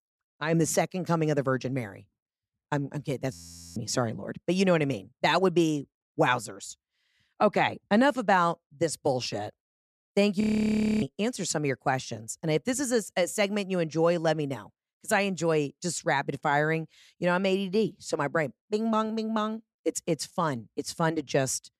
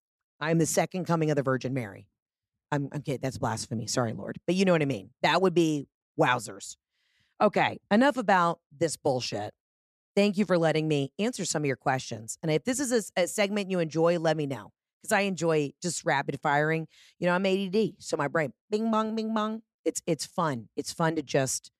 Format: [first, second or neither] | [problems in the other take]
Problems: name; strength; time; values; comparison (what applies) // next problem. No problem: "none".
second | audio freezing; at 3.5 s and at 10 s for 0.5 s